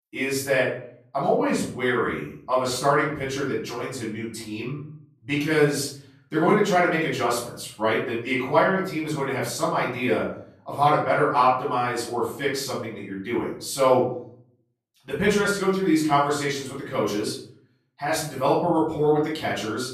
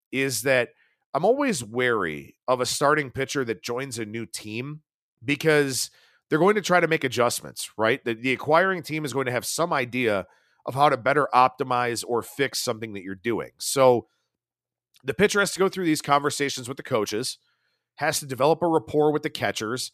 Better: second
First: off-mic speech; far // room echo; noticeable; dies away in 0.5 s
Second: none

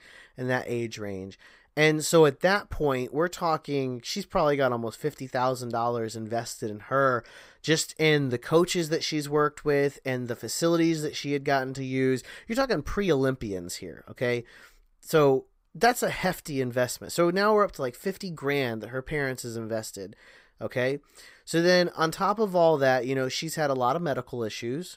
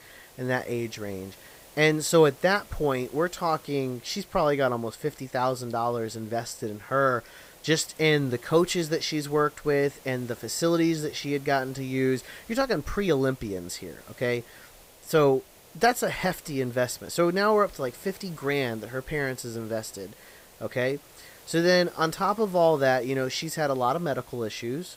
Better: first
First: none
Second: hiss; faint; throughout; 25 dB below the speech

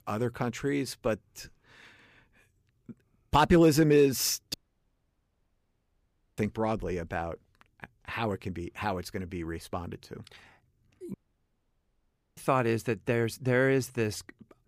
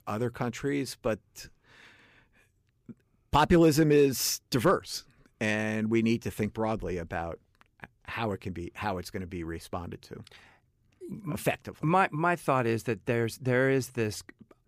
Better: second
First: audio cutting out; at 4.5 s for 2 s and at 11 s for 1 s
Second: none

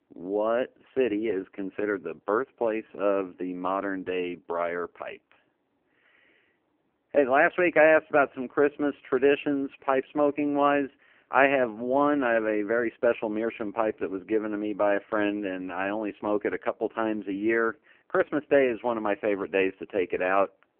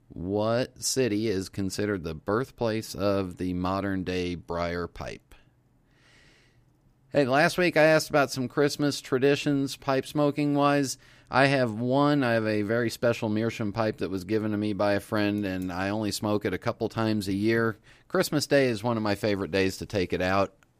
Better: second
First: phone-call audio; poor line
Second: none

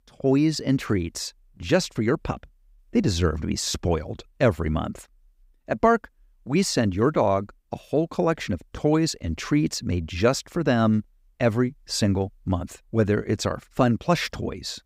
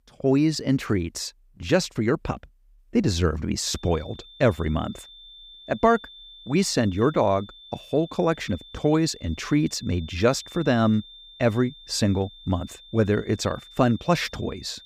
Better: first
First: none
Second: high-pitched whine; faint; from 3.5 s on; 3.5 kHz, 20 dB below the speech

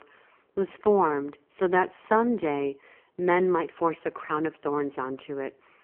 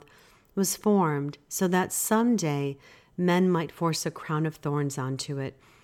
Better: second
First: phone-call audio; poor line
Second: none

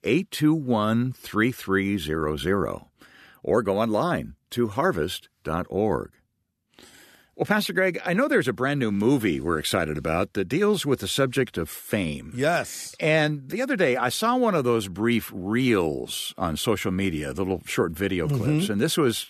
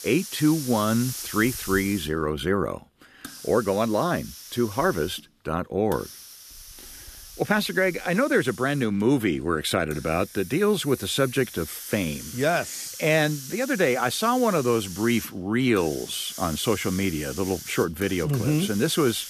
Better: first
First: none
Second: hiss; noticeable; throughout; 10 dB below the speech

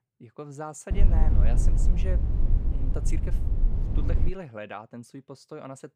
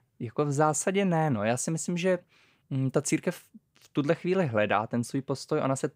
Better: second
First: low rumble; loud; from 1 to 4.5 s; 3 dB below the speech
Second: none

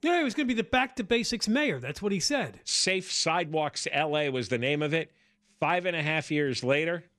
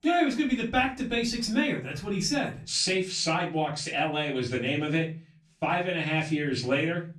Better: first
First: none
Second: off-mic speech; far // room echo; slight; dies away in 0.3 s

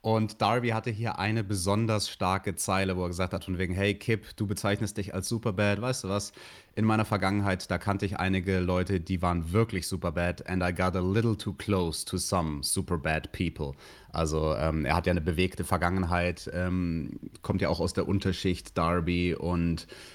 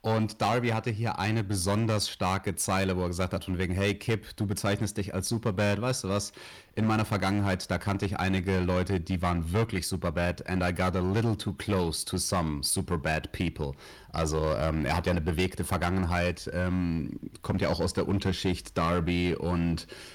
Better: first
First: none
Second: distortion; slight; 7% of the sound clipped

